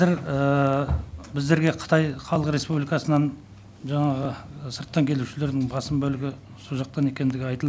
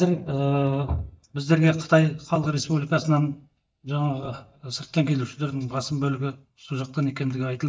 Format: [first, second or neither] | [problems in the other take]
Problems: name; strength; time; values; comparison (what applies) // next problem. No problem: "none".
first | noise reduction (neural mask model DeepFilterNet 3)